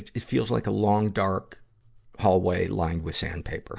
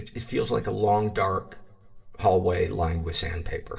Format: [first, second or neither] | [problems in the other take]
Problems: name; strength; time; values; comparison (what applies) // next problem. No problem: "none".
first | room echo; dies away in 0.8 s